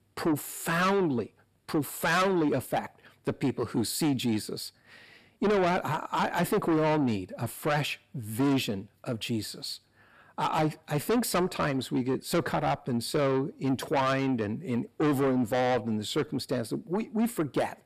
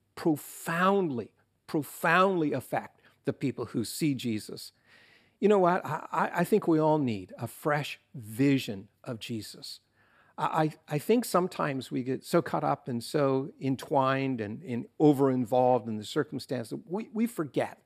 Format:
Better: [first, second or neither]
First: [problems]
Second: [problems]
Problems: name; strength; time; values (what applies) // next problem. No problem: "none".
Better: second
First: distortion; heavy; 6 dB below the speech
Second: none